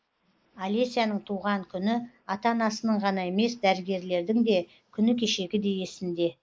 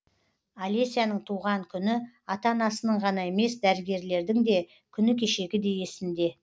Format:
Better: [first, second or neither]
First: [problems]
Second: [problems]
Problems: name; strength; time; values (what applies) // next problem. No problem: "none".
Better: second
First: noise reduction (neural mask model Resemble Enhance denoiser)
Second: none